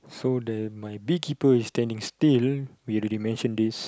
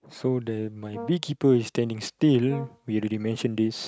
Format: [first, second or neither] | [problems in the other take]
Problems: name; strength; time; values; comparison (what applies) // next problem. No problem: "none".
first | noise reduction (neural mask model RNNoise)